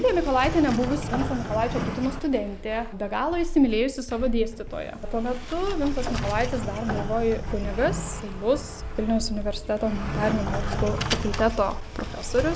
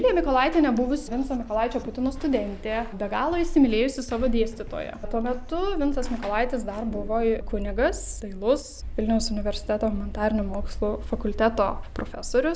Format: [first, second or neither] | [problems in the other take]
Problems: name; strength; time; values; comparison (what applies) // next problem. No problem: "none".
second | background sound (Sliding door); 8 dB below the speech